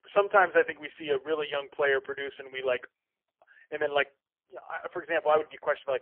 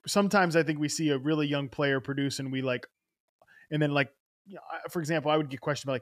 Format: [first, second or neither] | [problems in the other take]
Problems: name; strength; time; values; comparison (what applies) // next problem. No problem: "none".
second | phone-call audio; poor line; nothing above 3 kHz